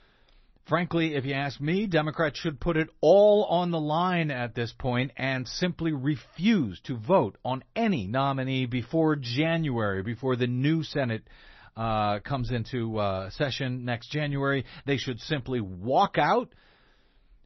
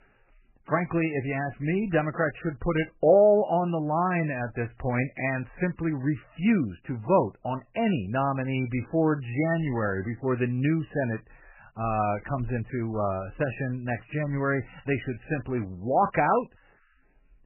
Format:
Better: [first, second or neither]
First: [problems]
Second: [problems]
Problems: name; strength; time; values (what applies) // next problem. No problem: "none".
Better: first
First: garbled, watery; slightly; nothing above 6 kHz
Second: garbled, watery; badly; nothing above 3 kHz